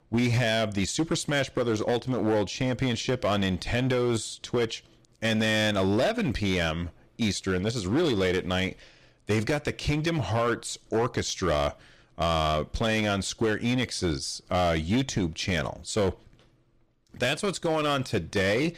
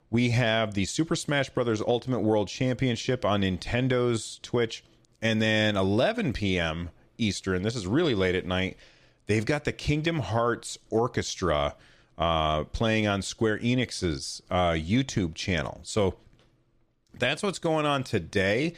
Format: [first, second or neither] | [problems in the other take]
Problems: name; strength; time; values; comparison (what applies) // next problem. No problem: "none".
second | distortion; slight; 10% of the sound clipped